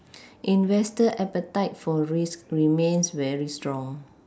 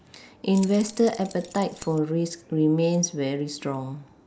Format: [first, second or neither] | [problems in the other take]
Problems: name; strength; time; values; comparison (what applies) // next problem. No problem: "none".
first | background sound (Keys jangling); 19 dB below the speech